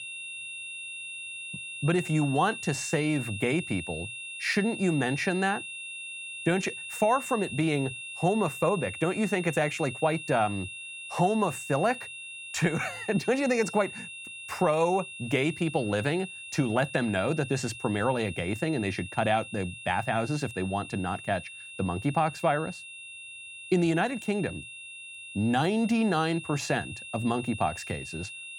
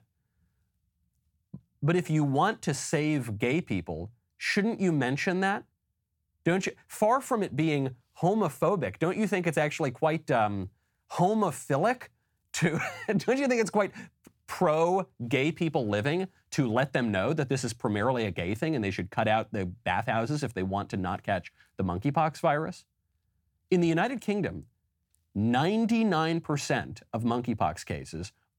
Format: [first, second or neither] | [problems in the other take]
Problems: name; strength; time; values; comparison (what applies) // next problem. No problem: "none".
second | high-pitched whine; loud; throughout; 2.5 kHz, 10 dB below the speech